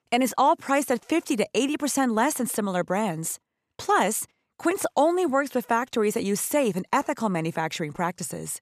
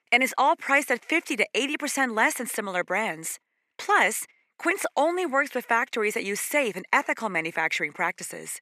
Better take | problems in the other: first | thin; very slightly; fading below 300 Hz

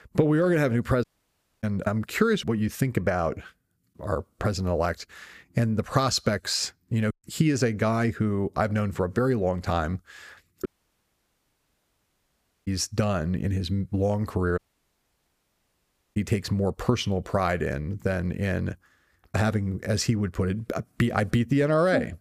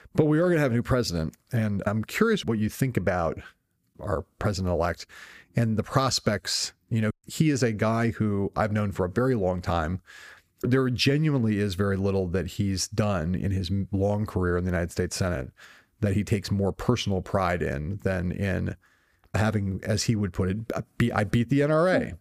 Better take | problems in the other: second | audio cutting out; at 1 s for 0.5 s, at 11 s for 2 s and at 15 s for 1.5 s

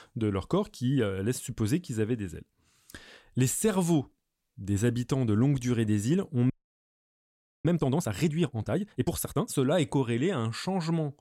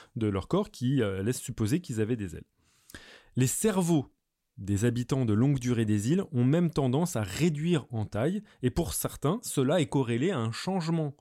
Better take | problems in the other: second | audio freezing; at 6.5 s for 1 s

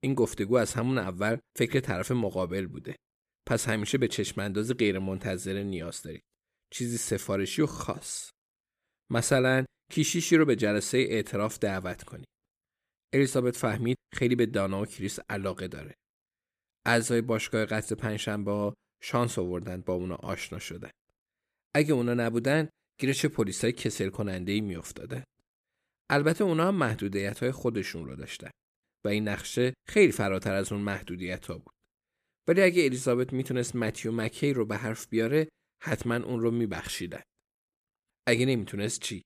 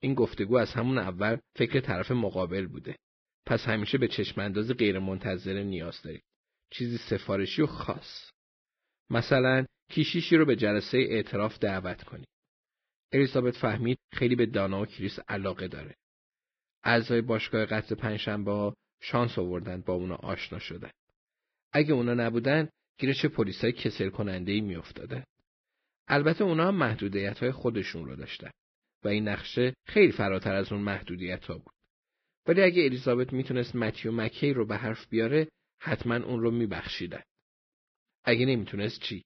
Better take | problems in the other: first | garbled, watery; badly; nothing above 5.5 kHz

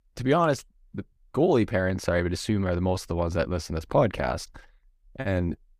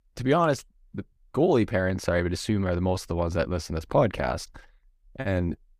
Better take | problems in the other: neither | none

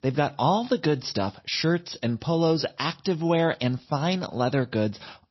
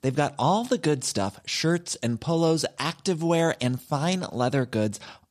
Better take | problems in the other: second | garbled, watery; slightly; nothing above 5.5 kHz

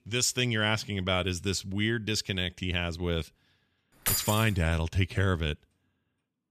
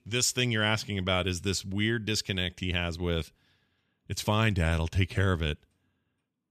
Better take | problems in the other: second | jangling keys; loud; at 4 s; peak 1 dB above the speech

